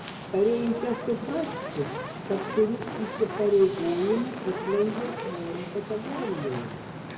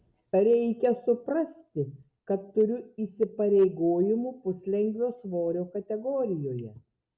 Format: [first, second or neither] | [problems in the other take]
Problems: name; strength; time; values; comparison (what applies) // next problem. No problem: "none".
second | background sound (Fire); 8 dB below the speech // room echo; dies away in 1 s